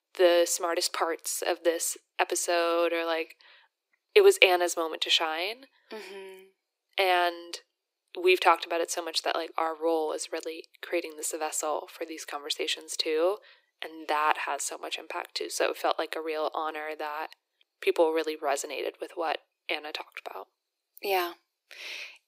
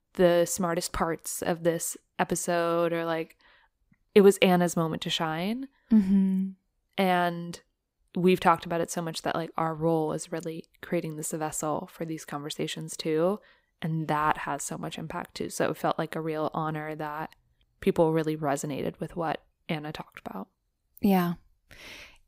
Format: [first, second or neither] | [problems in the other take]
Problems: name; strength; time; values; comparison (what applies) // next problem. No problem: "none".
second | thin; very; fading below 350 Hz